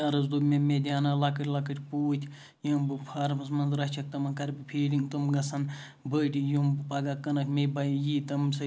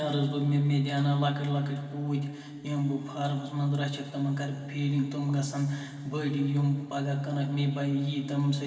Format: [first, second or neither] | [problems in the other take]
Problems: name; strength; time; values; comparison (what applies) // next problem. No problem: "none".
first | room echo; dies away in 2.6 s